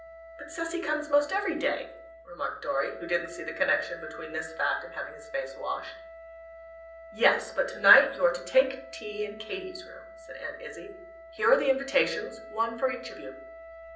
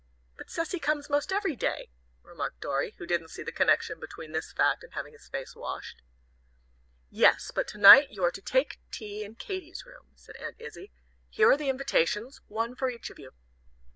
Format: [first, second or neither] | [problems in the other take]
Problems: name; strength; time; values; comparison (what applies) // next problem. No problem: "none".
second | background sound (Wind instrument, woodwind instrument); 16 dB below the speech // room echo; dies away in 0.6 s